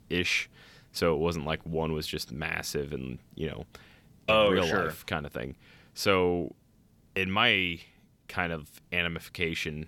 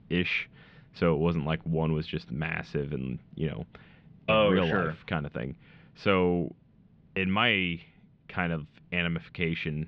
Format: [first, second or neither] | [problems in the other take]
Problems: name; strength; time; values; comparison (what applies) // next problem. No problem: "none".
first | muffled; slightly; fading above 3.5 kHz